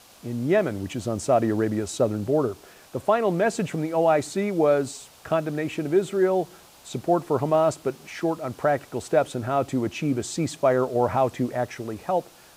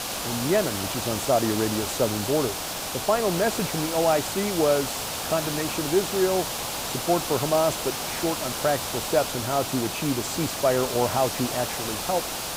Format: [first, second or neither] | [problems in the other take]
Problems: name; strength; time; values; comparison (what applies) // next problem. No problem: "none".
first | hiss; loud; throughout; 2 dB below the speech; faint in the first